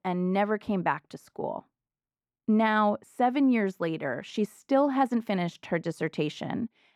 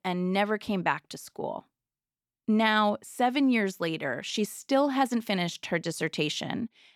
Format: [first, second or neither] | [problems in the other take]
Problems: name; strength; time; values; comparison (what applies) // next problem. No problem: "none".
second | muffled; slightly; fading above 2.5 kHz